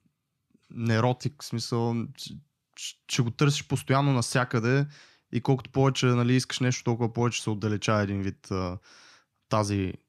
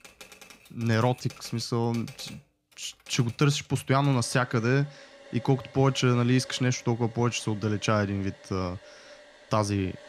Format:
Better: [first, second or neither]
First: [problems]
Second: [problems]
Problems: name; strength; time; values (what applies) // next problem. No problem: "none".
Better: first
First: none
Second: household noises; faint; throughout; 20 dB below the speech